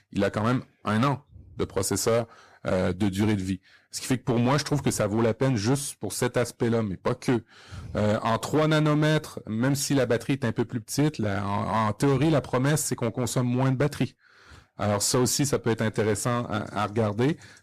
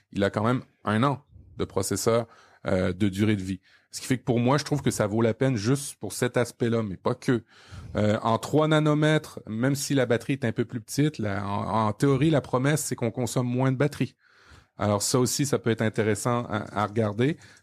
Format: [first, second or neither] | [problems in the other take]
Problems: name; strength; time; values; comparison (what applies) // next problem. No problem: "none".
second | distortion; slight; 8% of the sound clipped